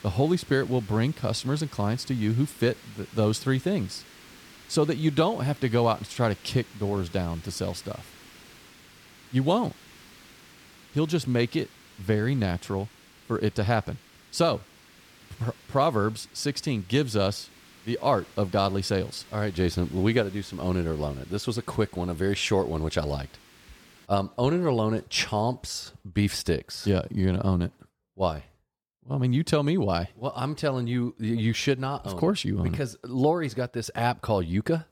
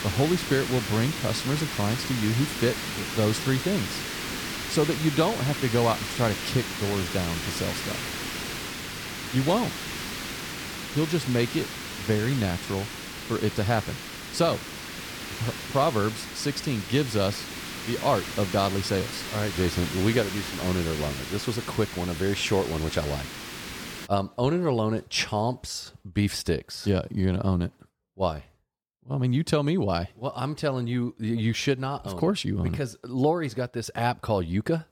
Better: first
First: hiss; faint; until 24 s; 20 dB below the speech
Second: hiss; loud; until 24 s; 6 dB below the speech

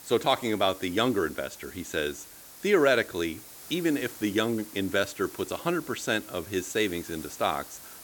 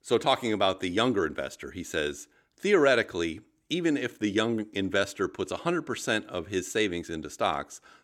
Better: second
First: hiss; noticeable; throughout; 15 dB below the speech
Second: none

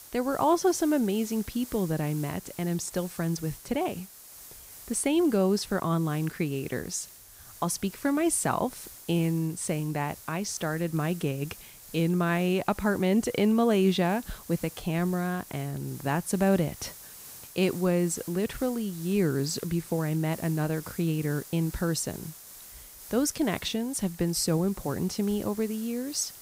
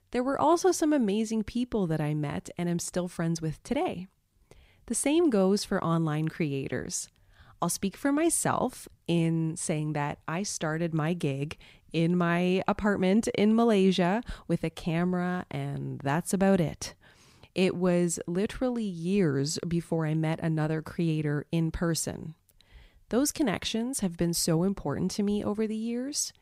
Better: second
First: hiss; noticeable; throughout; 15 dB below the speech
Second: none

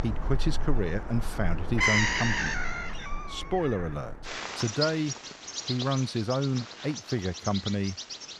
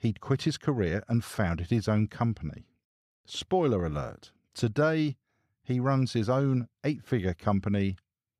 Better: second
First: animal sounds; loud; throughout; 2 dB below the speech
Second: none

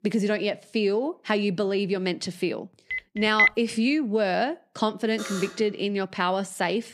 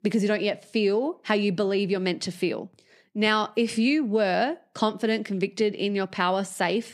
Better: second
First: phone ringing; loud; at 3 s; peak 6 dB above the speech // alarm; noticeable; at 5 s; peak 9 dB below the speech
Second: none

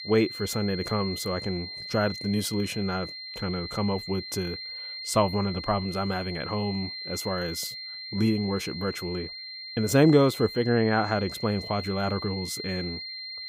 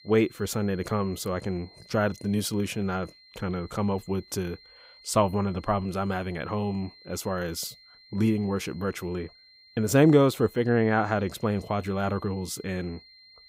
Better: second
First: high-pitched whine; loud; throughout; 4 kHz, 8 dB below the speech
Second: high-pitched whine; faint; throughout; 4 kHz, 25 dB below the speech

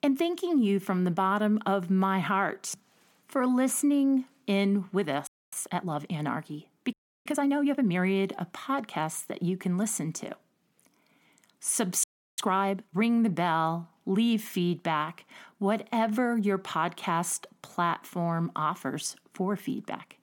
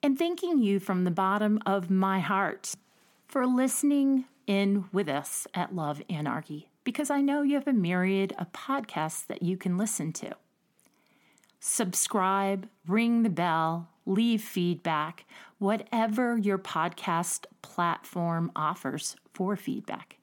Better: second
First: audio freezing; at 5.5 s, at 7 s and at 12 s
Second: none

